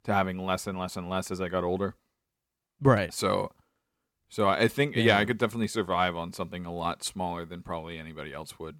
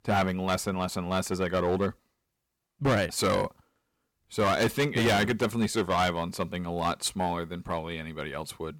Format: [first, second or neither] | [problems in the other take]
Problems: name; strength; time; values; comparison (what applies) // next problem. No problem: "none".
first | distortion; heavy; 7% of the sound clipped